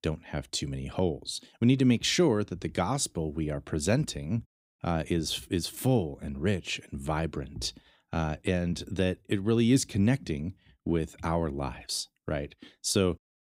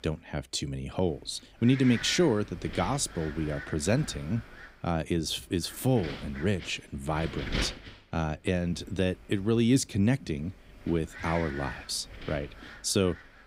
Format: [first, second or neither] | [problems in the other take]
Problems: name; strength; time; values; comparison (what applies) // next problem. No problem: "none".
first | wind noise on the microphone; heavy; 9 dB below the speech